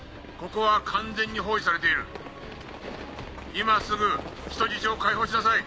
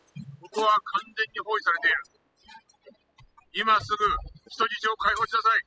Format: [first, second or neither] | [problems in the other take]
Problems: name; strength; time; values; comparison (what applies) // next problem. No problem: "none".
first | noise reduction (classical method spectral subtraction)